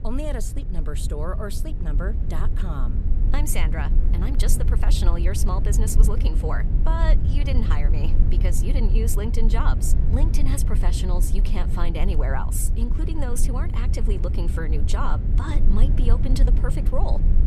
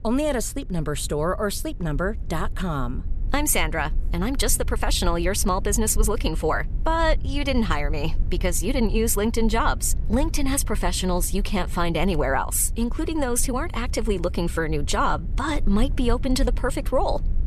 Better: second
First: low rumble; loud; throughout; 7 dB below the speech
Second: low rumble; faint; throughout; 25 dB below the speech

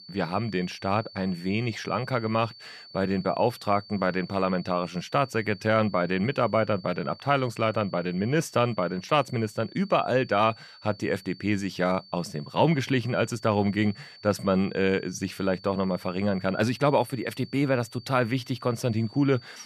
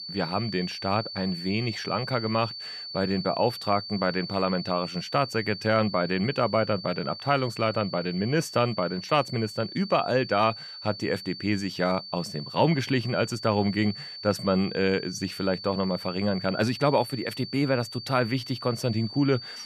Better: first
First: high-pitched whine; faint; throughout; 4.5 kHz, 20 dB below the speech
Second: high-pitched whine; loud; throughout; 4.5 kHz, 10 dB below the speech

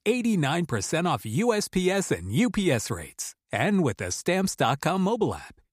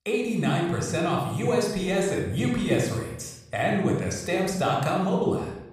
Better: first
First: none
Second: off-mic speech; somewhat distant // room echo; noticeable; dies away in 0.7 s

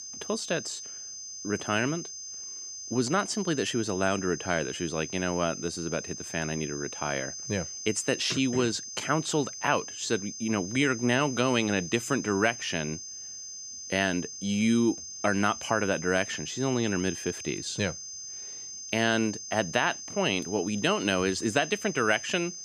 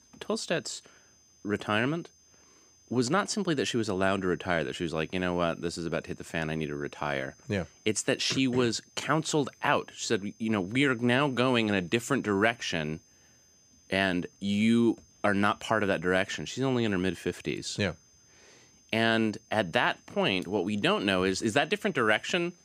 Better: second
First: high-pitched whine; loud; throughout; 6.5 kHz, 9 dB below the speech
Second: high-pitched whine; faint; throughout; 6.5 kHz, 30 dB below the speech

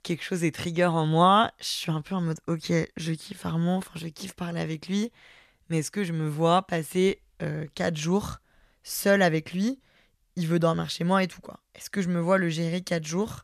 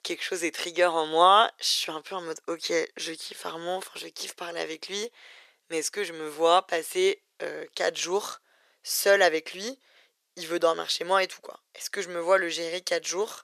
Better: first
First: none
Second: thin; very; fading below 400 Hz

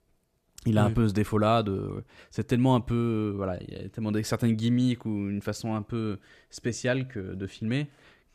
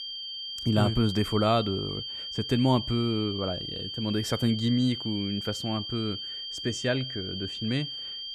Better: first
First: none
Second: high-pitched whine; loud; throughout; 3 kHz, 5 dB below the speech

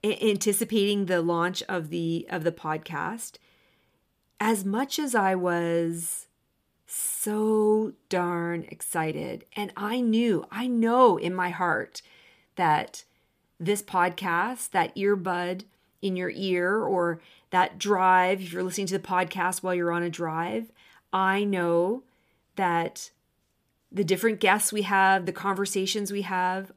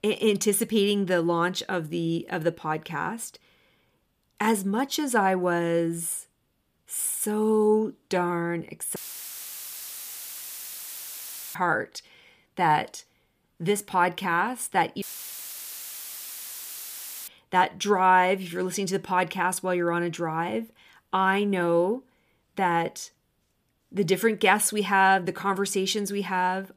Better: first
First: none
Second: audio cutting out; filled with static; at 9 s for 2.5 s and at 15 s for 2.5 s

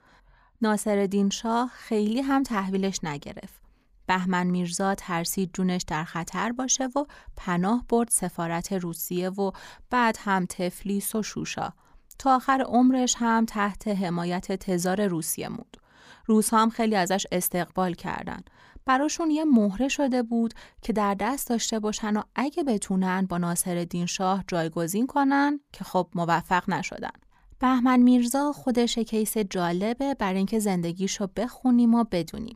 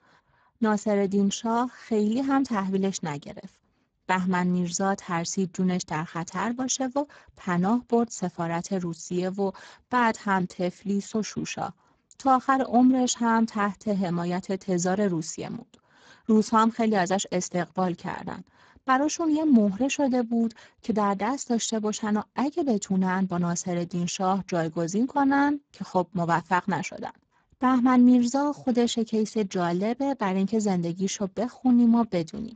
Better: first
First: none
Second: garbled, watery; badly; nothing above 7.5 kHz

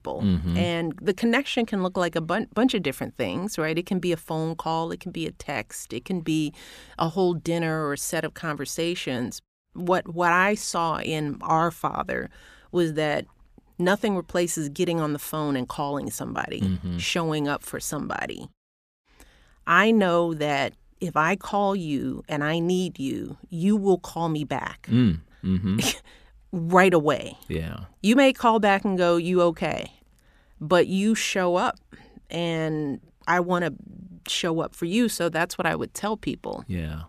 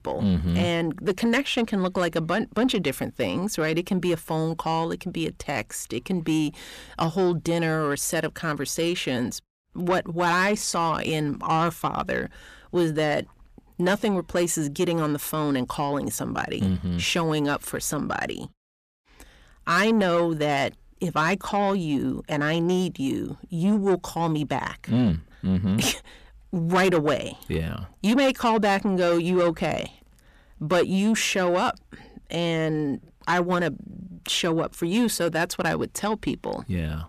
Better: first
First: none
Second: distortion; slight; 10 dB below the speech

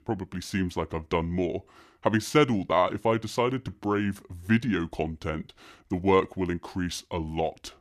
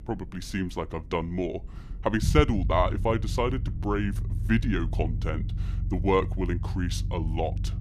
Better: first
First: none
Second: low rumble; noticeable; throughout; 15 dB below the speech

